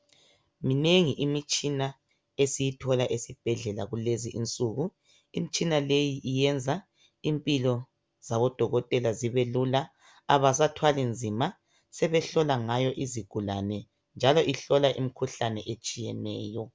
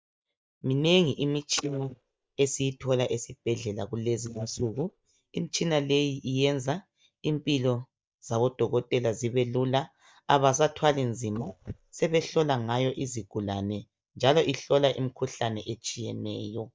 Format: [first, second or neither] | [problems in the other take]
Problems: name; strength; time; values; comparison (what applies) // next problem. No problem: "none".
first | noise reduction (neural mask model DeepFilterNet 3)